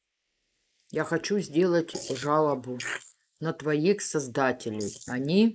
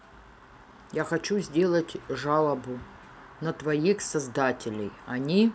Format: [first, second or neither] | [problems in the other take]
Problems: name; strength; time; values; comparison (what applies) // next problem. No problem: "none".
second | noise reduction (neural mask model Resemble Enhance denoiser)